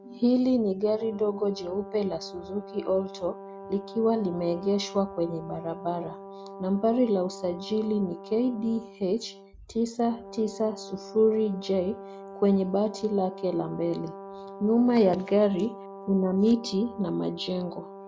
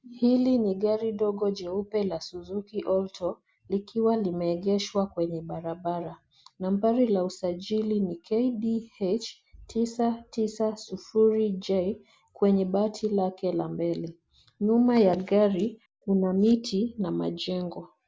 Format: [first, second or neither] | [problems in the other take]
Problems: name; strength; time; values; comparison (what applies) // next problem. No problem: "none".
second | background sound (Brass instrument); 15 dB below the speech